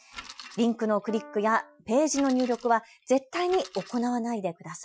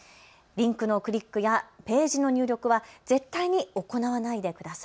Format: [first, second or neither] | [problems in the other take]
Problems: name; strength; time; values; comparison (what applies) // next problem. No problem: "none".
second | noise reduction (classical method Wiener filter)